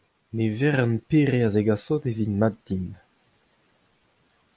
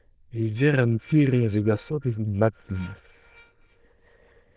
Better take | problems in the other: first | noise reduction (neural diffusion model UNIVERSE++)

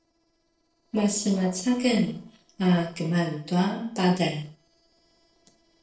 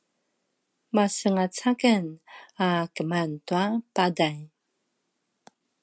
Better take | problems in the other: second | noise reduction (neural separator model SepFormer DNS4)

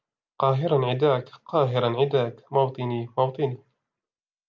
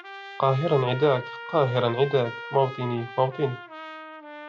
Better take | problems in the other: first | background sound (Trumpet); 13 dB below the speech

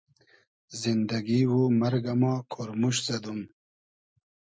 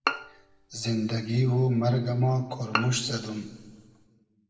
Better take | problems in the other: first | background sound (Bowed string instrument); 8 dB below the speech // room echo; dies away in 1.3 s

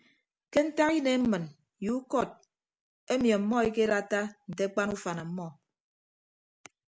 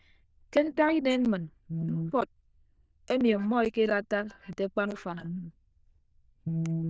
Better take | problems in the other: first | noise reduction (neural diffusion model UNIVERSE++)

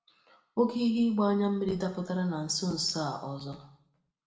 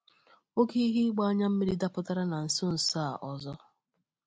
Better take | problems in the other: second | room echo; dies away in 0.6 s

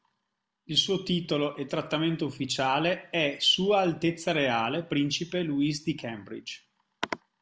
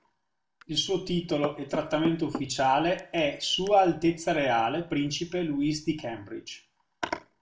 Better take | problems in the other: first | background sound (Knock / Wood); 13 dB below the speech // room echo; dies away in 0.2 s

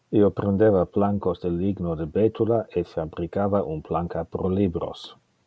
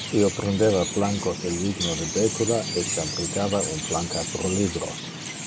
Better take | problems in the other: first | background sound (Chirp, tweet); 5 dB below the speech

